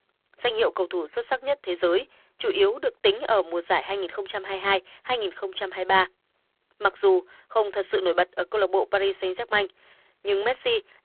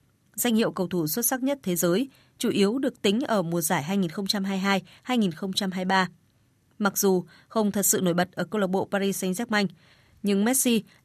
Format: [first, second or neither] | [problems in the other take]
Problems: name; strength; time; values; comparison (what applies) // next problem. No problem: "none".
second | phone-call audio; poor line